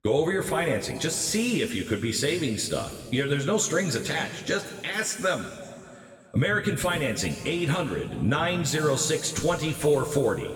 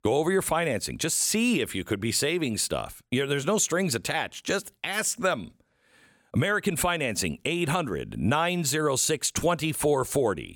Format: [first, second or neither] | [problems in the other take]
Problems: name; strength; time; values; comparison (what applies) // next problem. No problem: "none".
second | room echo; noticeable; dies away in 2 s // off-mic speech; somewhat distant